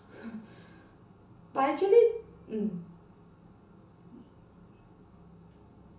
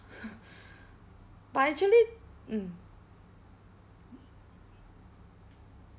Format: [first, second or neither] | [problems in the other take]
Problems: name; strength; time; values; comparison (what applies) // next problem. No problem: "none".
second | room echo; dies away in 0.8 s